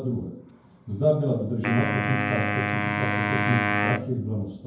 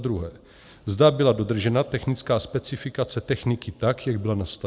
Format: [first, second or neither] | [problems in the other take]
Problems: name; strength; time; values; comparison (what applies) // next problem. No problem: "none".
second | background sound (Wind instrument, woodwind instrument); 1 dB below the speech // room echo; dies away in 0.9 s